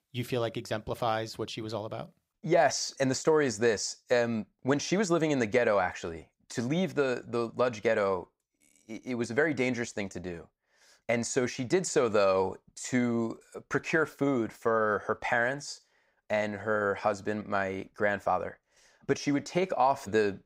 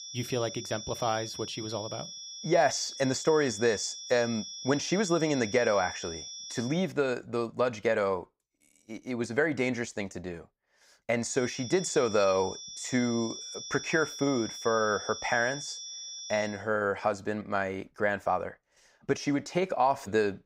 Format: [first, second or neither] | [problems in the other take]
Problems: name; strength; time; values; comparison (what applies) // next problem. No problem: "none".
first | high-pitched whine; loud; until 7 s and from 11 to 16 s; 5.5 kHz, 10 dB below the speech